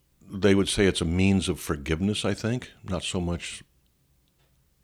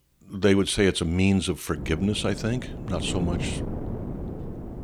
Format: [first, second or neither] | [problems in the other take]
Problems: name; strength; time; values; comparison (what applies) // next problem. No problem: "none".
first | wind noise on the microphone; occasional gusts; from 2 s on; 10 dB below the speech